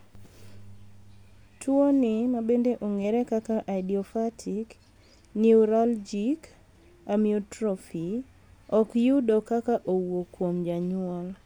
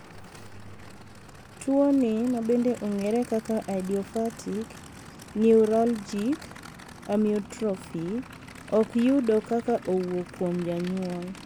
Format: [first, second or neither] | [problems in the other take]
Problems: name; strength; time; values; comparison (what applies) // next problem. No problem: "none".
first | background sound (Idling / Aircraft); 17 dB below the speech